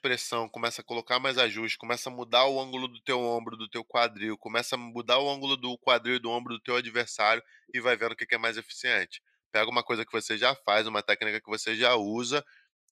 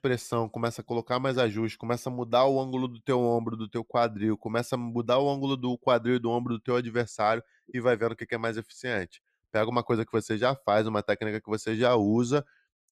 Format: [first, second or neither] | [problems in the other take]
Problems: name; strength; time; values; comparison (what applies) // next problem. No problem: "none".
second | thin; somewhat; fading below 750 Hz